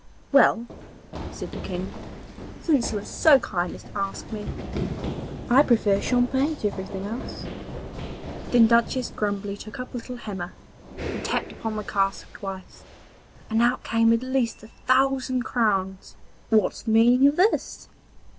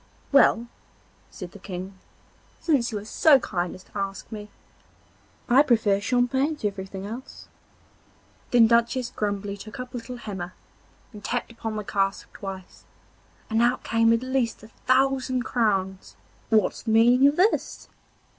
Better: second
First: background sound (Run); 11 dB below the speech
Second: none

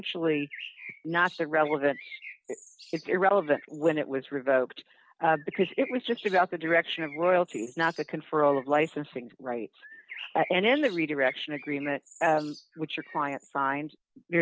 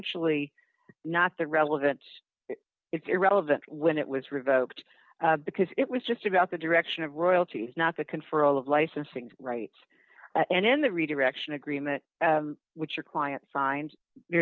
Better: second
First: background sound (Bird); 19 dB below the speech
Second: none

